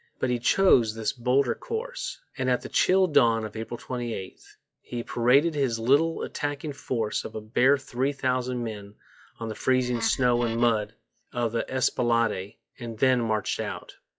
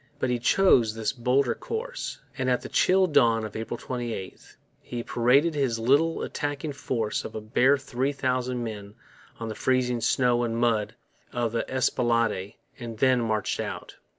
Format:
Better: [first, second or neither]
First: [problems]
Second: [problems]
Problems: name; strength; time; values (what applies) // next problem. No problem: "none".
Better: second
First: noise reduction (classical method log-MMSE)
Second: none